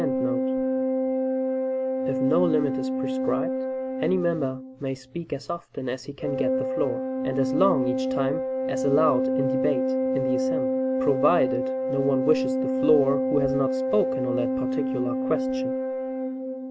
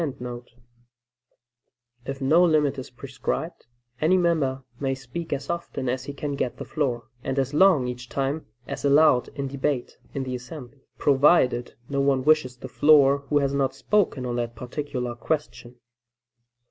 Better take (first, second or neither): second